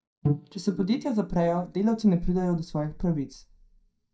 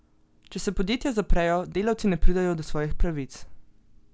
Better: second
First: noise reduction (neural mask model DeepFilterNet 3)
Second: none

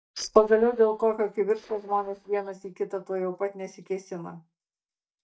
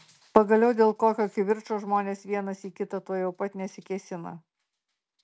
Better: second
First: noise reduction (neural mask model DeepFilterNet 3)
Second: none

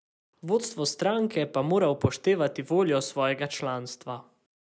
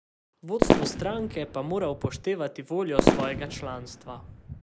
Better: first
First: none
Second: background sound (Fireworks); 5 dB above the speech

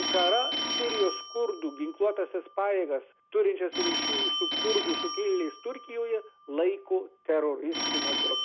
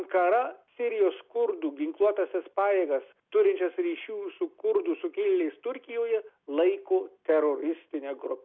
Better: second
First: background sound (Telephone); 3 dB below the speech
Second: none

